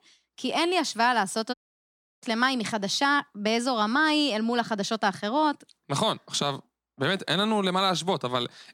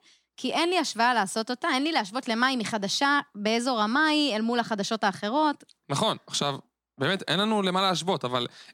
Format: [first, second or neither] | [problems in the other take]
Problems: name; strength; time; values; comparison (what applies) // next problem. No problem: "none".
second | audio cutting out; at 1.5 s for 0.5 s